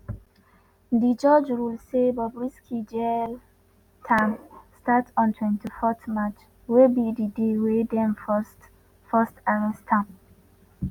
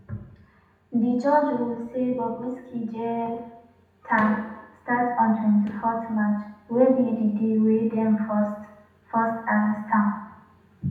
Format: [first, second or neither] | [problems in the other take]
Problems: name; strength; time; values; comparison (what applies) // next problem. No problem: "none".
first | room echo; dies away in 0.9 s